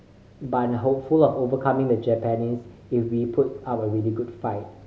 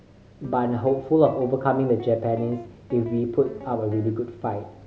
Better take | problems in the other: first | background sound (Guitar); 18 dB below the speech

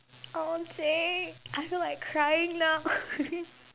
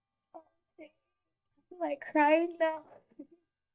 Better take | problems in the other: first | noise reduction (neural mask model DeepFilterNet 3)

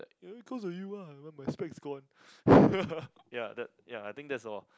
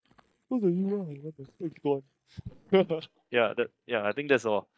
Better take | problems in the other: first | noise reduction (neural mask model DeepFilterNet 3)

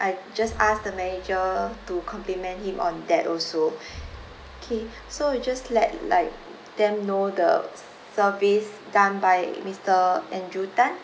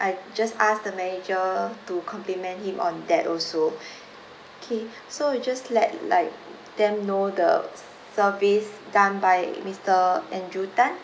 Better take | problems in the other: second | background sound (Explosion); 20 dB below the speech

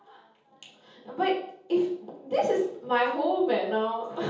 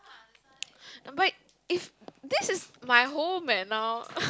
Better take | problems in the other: second | room echo; dies away in 0.7 s

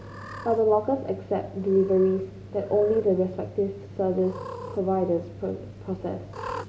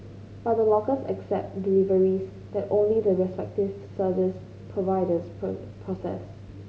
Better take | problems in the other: second | background sound (Cat); 17 dB below the speech

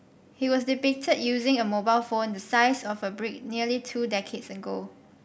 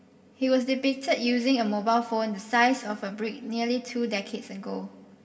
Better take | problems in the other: first | room echo; dies away in 1.6 s

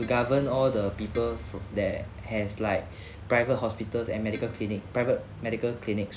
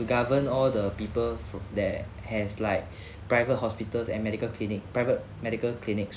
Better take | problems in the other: second | background sound (Keyboard (musical)); 20 dB below the speech

